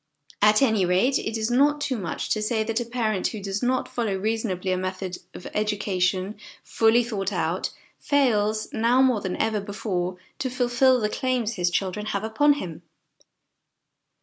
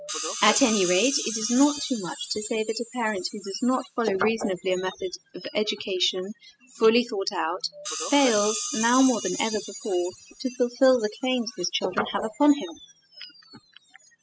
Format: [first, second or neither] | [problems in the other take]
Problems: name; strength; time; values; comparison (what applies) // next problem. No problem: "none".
first | noise reduction (classical method spectral subtraction)